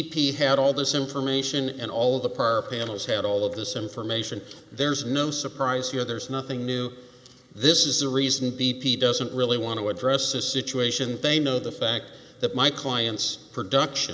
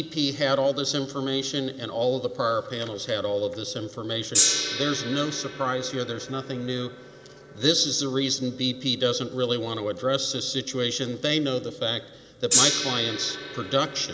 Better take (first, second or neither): first